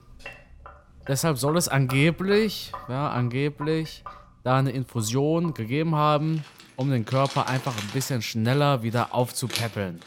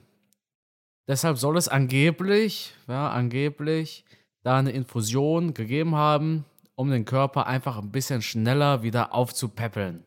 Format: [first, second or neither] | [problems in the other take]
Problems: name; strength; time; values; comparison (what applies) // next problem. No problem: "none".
second | household noises; noticeable; throughout; 15 dB below the speech